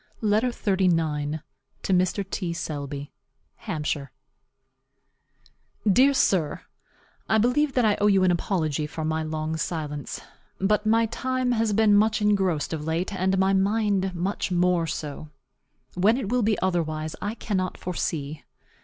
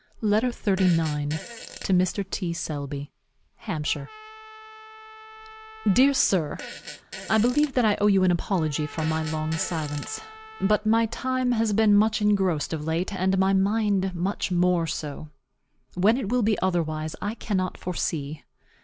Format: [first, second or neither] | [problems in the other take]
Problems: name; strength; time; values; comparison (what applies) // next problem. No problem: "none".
first | background sound (Fart + Trumpet); 17 dB below the speech